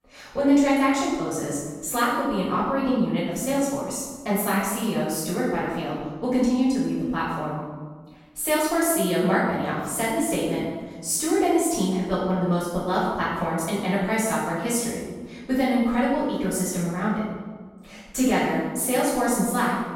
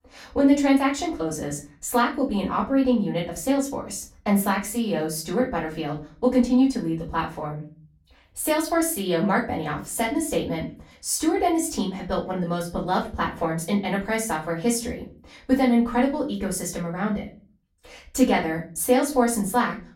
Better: second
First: room echo; strong; dies away in 1.2 s // off-mic speech; far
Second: room echo; slight; dies away in 0.3 s // off-mic speech; far

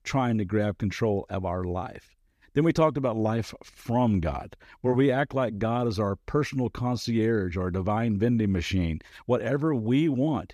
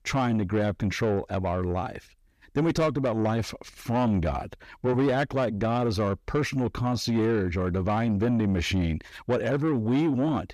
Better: first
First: none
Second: distortion; slight; 10 dB below the speech

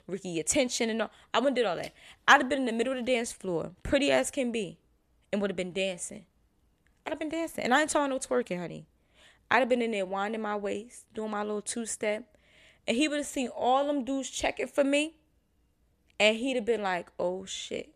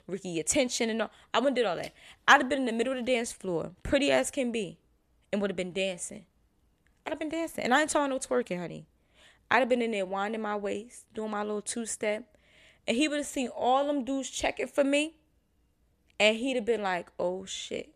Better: neither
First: none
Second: none

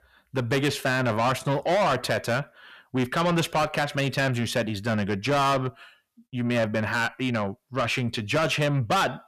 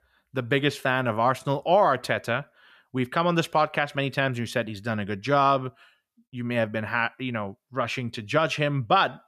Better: second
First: distortion; heavy; 6 dB below the speech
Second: none

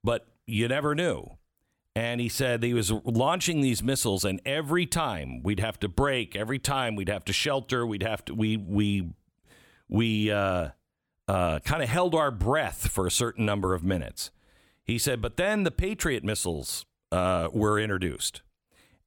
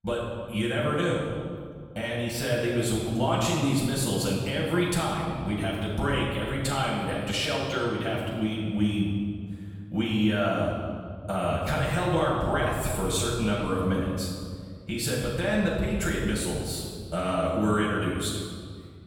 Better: first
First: none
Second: off-mic speech; far // room echo; noticeable; dies away in 1.8 s

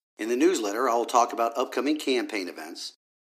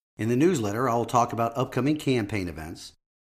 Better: second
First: thin; somewhat; fading below 300 Hz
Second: none

